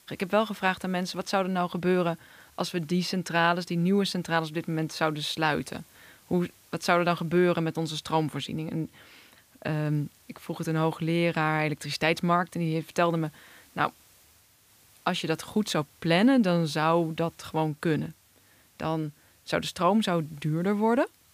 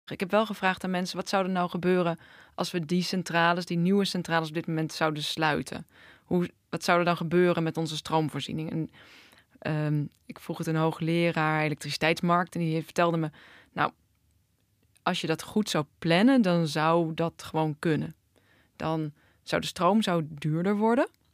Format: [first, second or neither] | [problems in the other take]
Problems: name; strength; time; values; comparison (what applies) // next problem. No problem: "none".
second | hiss; faint; throughout; 30 dB below the speech